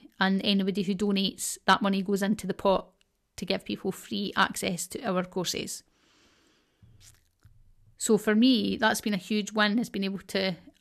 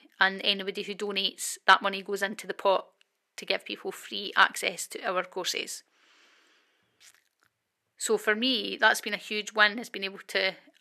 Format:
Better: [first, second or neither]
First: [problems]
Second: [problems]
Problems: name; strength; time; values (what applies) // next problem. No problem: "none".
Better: first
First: none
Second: thin; very; fading below 450 Hz